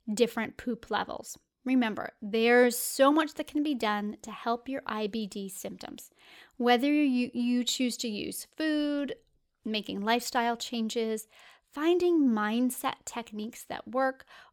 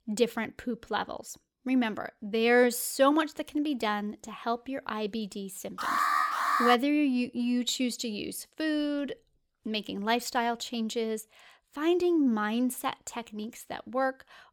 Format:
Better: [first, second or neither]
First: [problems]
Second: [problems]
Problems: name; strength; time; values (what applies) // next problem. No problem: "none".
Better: first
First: none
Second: alarm; loud; at 6 s; peak 4 dB above the speech